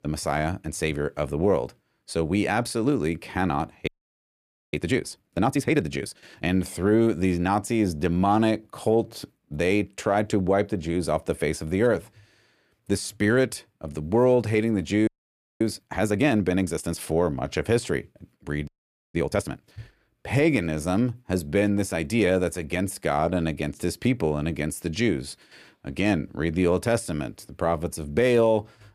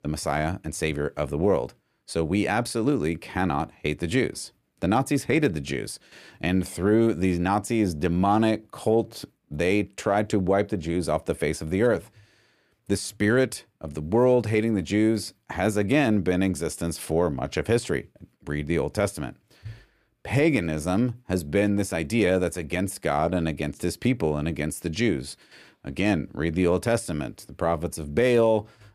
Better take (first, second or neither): second